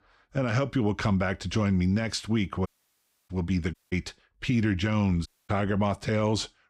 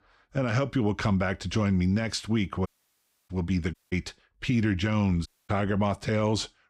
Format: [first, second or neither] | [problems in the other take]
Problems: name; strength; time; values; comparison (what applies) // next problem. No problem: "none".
neither | audio cutting out; at 2.5 s for 0.5 s, at 3.5 s and at 5.5 s; the same in both